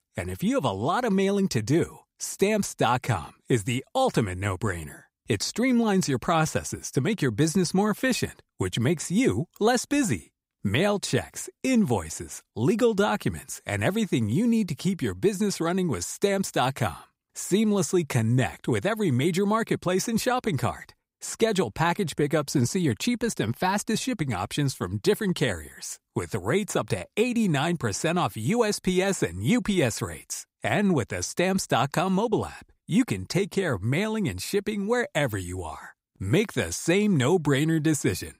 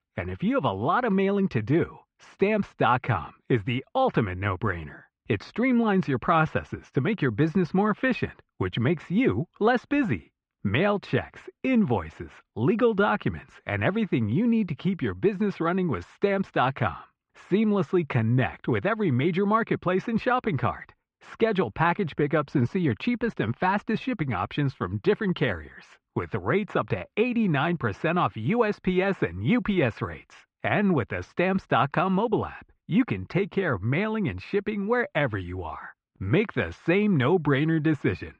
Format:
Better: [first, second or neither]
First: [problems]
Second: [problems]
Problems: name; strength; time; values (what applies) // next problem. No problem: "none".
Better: first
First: none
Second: muffled; very; fading above 3 kHz